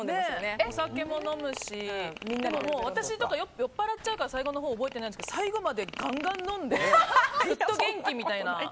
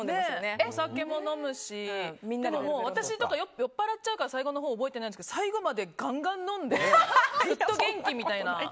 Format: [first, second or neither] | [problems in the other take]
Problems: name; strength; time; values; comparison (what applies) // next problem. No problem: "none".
second | background sound (Fart); 16 dB below the speech